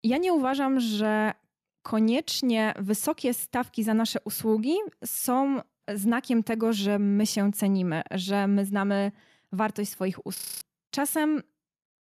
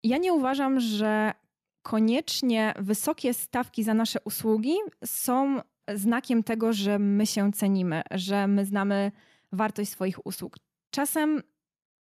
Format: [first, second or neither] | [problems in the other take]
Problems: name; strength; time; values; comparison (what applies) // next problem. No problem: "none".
second | audio freezing; at 10 s